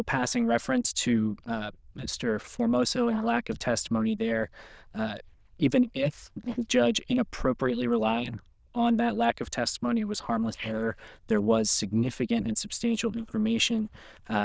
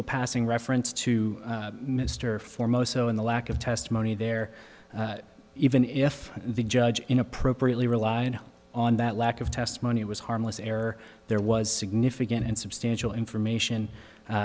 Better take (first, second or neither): second